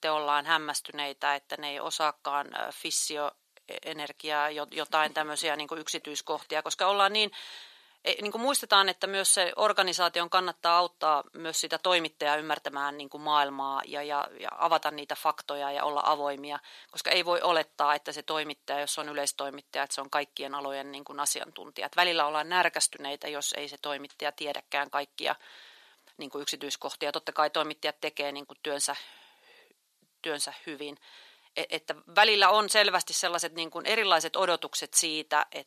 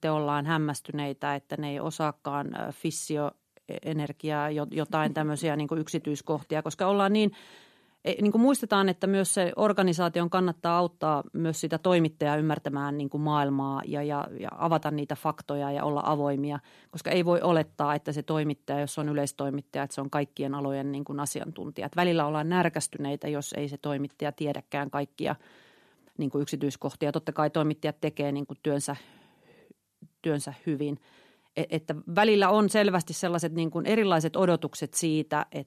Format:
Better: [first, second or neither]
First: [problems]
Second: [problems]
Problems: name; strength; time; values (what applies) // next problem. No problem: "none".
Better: second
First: thin; very; fading below 800 Hz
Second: none